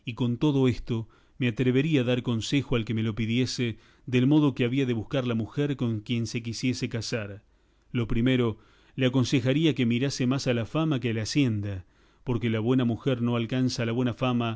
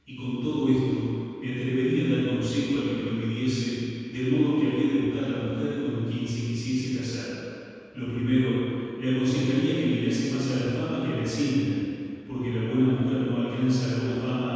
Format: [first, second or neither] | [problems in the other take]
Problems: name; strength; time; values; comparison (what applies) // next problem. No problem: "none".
first | room echo; dies away in 2.1 s